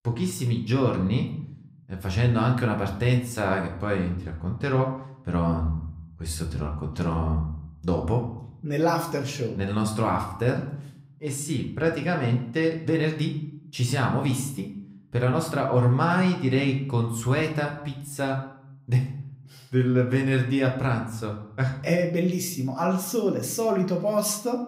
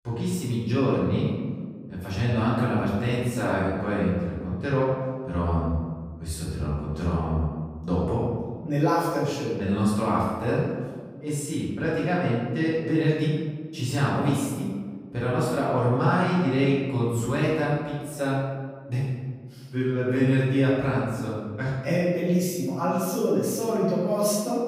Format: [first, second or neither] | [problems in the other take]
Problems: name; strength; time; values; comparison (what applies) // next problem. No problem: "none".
first | room echo; strong; dies away in 1.5 s; slight in the first // off-mic speech; far; somewhat distant in the first